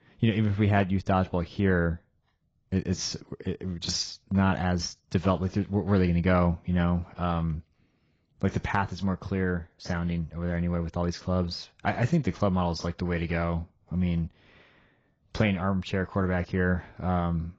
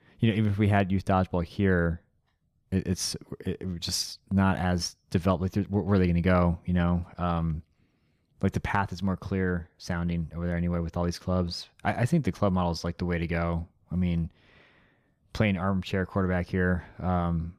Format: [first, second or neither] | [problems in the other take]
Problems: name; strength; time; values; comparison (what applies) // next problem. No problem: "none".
second | garbled, watery; badly